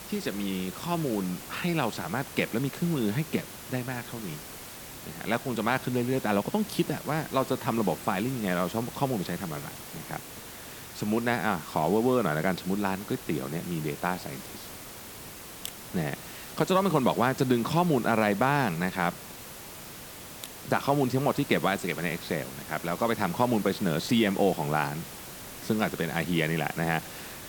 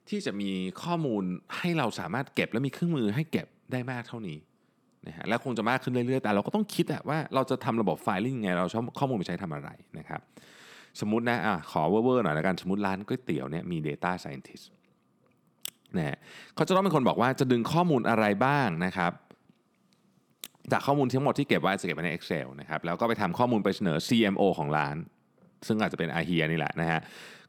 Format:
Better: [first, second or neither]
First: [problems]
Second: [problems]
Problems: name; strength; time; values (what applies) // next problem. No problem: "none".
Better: second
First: hiss; noticeable; throughout; 10 dB below the speech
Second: none